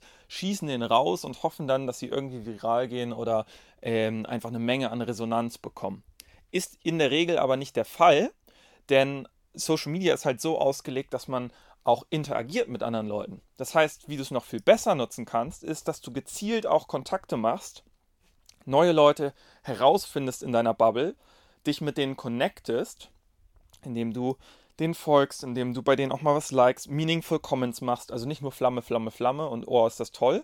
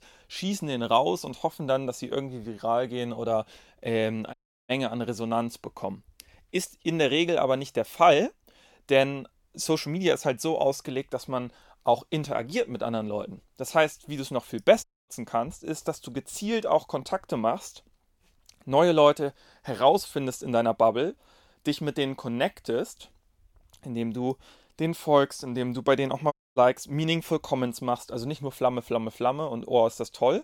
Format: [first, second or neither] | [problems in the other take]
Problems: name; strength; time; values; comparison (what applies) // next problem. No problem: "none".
first | audio cutting out; at 4.5 s, at 15 s and at 26 s